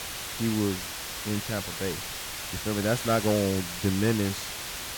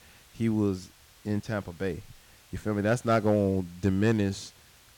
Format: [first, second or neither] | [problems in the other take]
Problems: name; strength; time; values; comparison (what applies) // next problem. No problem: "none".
second | hiss; loud; throughout; 4 dB below the speech; faint in the second